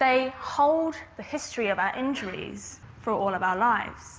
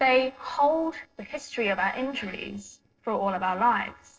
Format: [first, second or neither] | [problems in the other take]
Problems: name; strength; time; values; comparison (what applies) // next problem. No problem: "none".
first | noise reduction (neural separator model SepFormer DNS4)